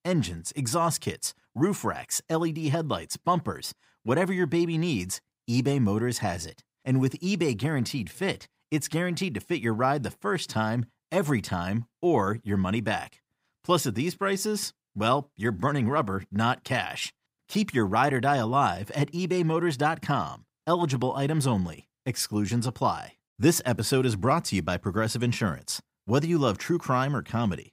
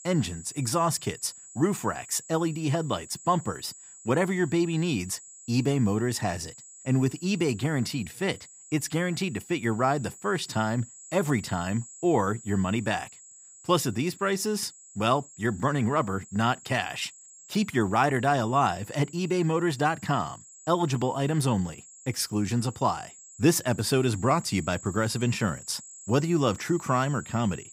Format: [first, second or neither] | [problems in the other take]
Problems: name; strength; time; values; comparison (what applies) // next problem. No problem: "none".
first | high-pitched whine; noticeable; throughout; 7.5 kHz, 20 dB below the speech